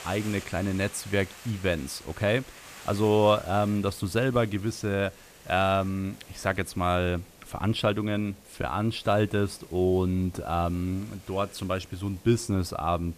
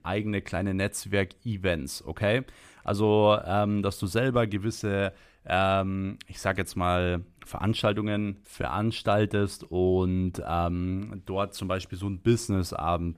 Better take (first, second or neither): second